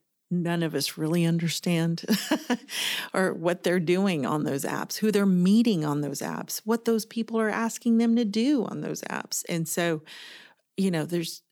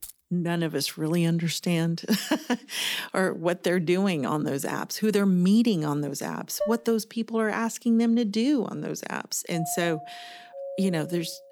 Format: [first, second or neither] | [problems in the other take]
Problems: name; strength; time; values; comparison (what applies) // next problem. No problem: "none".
first | jangling keys; faint; at the start; peak 15 dB below the speech // clattering dishes; noticeable; at 6.5 s; peak 6 dB below the speech // doorbell; faint; from 9.5 s on; peak 10 dB below the speech